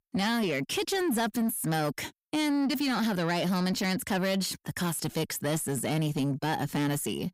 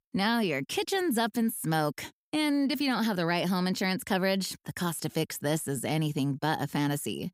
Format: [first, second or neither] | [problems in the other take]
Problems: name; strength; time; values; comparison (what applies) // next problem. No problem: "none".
second | distortion; slight; 10 dB below the speech